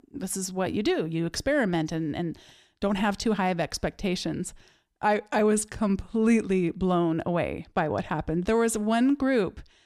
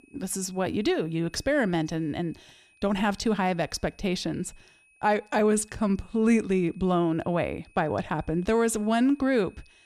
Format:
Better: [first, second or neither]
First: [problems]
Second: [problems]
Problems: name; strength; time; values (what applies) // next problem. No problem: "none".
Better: first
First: none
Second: high-pitched whine; faint; throughout; 2.5 kHz, 30 dB below the speech